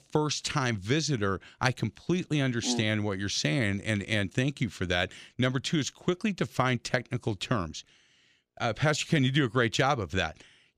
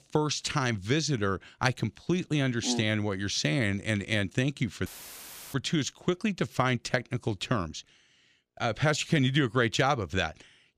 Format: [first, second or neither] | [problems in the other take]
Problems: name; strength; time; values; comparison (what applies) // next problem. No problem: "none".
first | audio cutting out; filled with static; at 5 s for 0.5 s